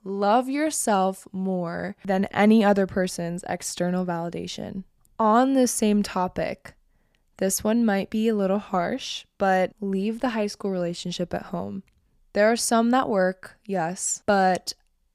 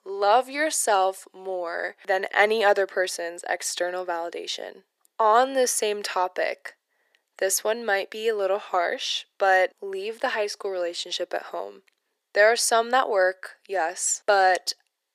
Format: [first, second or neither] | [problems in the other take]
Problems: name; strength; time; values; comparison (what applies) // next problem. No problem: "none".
first | thin; very; fading below 350 Hz